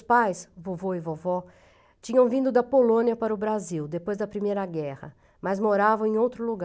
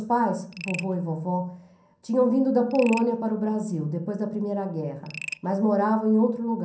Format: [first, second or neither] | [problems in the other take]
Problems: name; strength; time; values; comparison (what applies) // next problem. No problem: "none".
first | background sound (Frog); 18 dB below the speech // room echo; dies away in 0.6 s